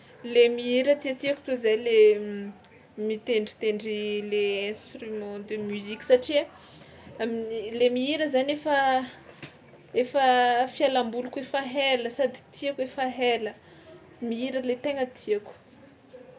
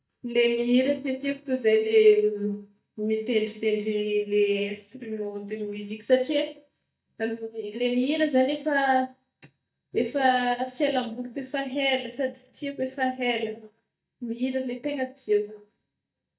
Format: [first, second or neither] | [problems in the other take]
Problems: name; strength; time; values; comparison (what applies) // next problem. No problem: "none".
first | noise reduction (neural mask model DeepFilterNet 3)